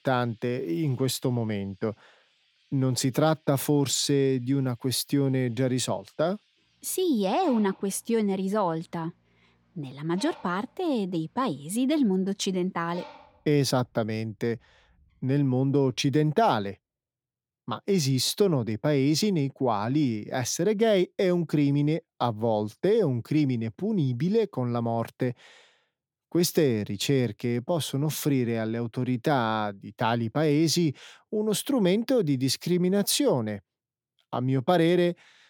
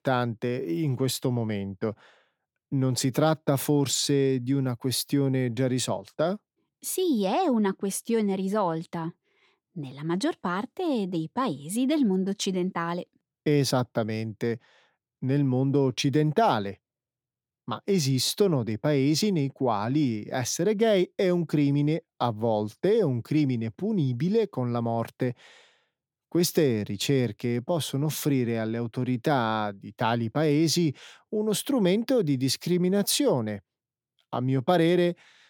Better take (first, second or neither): second